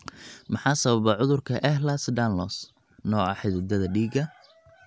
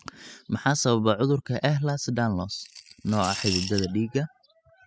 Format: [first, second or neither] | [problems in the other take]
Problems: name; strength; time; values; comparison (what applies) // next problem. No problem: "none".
first | noise reduction (classical method spectral subtraction)